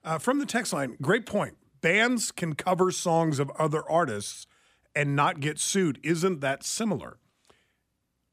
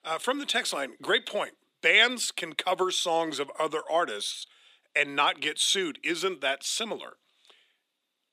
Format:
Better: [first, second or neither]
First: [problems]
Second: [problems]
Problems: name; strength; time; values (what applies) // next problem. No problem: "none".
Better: first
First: none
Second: thin; somewhat; fading below 350 Hz